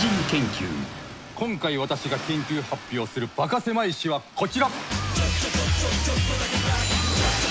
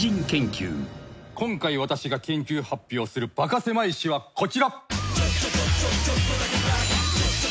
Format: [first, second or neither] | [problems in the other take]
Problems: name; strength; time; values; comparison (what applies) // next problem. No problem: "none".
second | background sound (Accelerating, revving, vroom); 10 dB below the speech